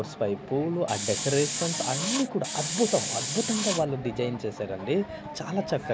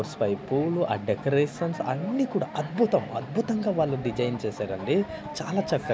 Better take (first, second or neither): second